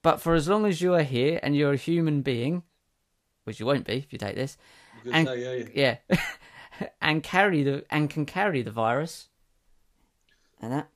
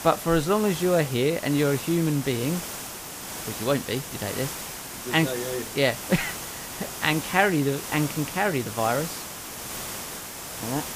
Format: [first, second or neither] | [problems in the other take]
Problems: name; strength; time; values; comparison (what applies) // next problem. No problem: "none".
first | hiss; loud; throughout; 8 dB below the speech